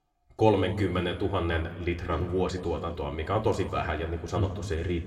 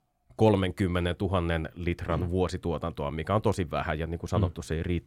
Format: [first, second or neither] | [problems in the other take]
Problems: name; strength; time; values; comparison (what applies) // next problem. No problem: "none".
second | room echo; slight; dies away in 1.4 s